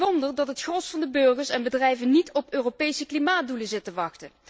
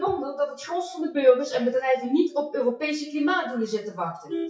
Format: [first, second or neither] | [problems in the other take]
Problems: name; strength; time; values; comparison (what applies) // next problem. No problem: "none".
first | noise reduction (classical method WPE with log-MMSE)